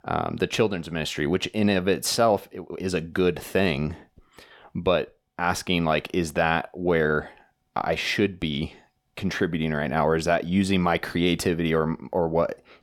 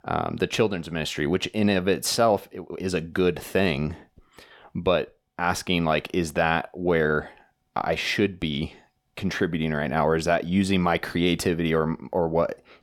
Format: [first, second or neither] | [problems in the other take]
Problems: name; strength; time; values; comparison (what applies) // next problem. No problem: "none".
neither | none